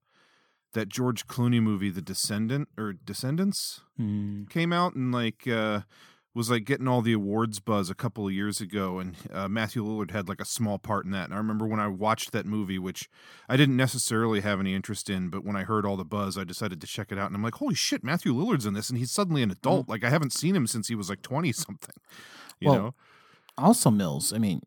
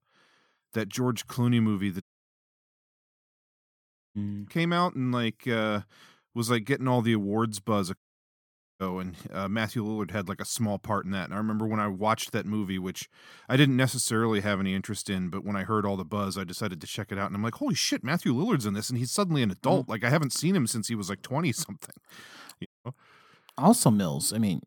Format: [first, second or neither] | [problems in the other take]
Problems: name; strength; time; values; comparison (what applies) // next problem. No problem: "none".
first | audio cutting out; at 2 s for 2 s, at 8 s for 1 s and at 23 s